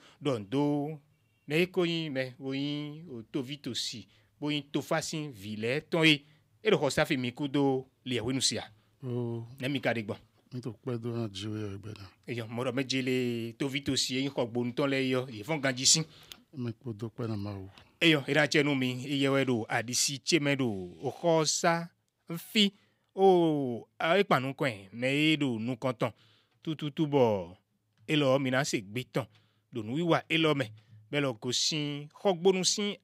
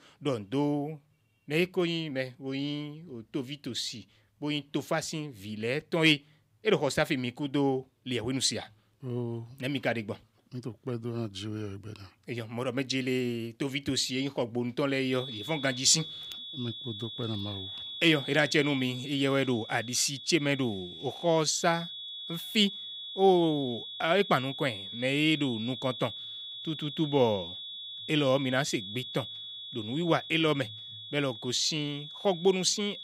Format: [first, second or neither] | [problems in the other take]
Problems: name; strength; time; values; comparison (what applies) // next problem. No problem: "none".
first | high-pitched whine; loud; from 15 s on; 3.5 kHz, 9 dB below the speech